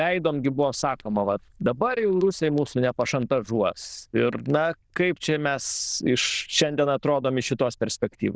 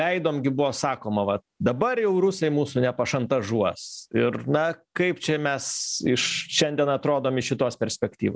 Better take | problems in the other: second | noise reduction (neural diffusion model UNIVERSE++)

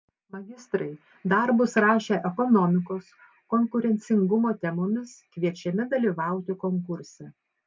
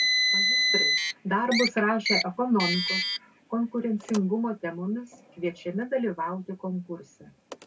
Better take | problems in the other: first | background sound (Car); 1 dB below the speech // room echo; dies away in 0.2 s

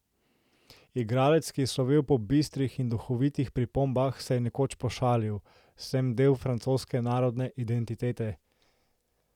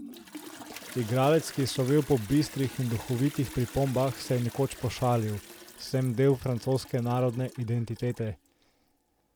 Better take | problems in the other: first | background sound (Toilet flush); 17 dB below the speech

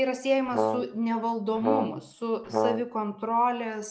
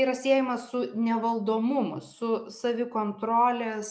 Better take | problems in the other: second | background sound (Brass instrument); 1 dB below the speech

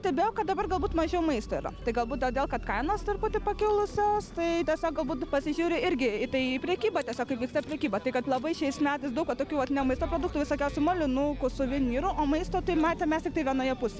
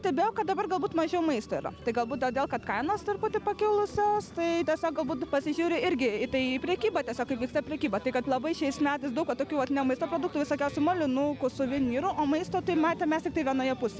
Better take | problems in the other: second | background sound (Rattle / Engine starting / Car); 13 dB below the speech

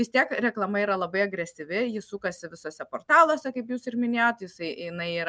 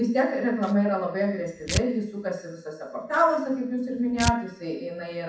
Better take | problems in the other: first | background sound (Tearing); 9 dB below the speech // room echo; dies away in 0.7 s

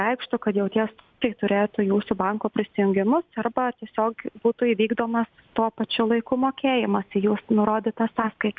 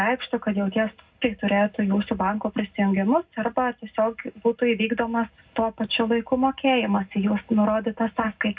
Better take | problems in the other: first | room echo; dies away in 0.3 s

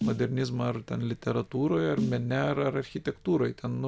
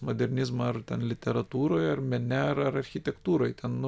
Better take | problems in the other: second | background sound (Snare drum); 10 dB below the speech

